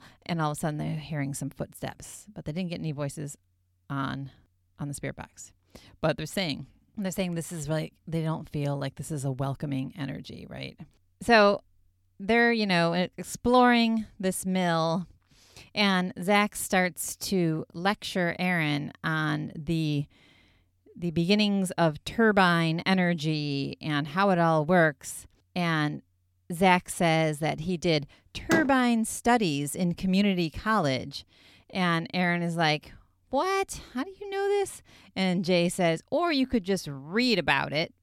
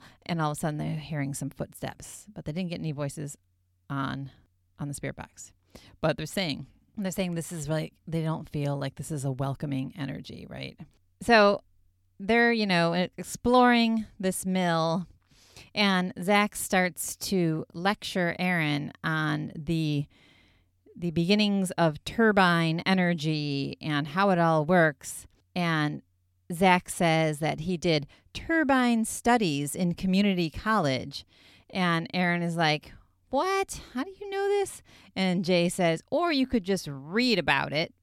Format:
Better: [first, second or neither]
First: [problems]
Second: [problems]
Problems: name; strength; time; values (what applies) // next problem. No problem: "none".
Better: second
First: door banging; noticeable; at 29 s; peak 3 dB below the speech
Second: none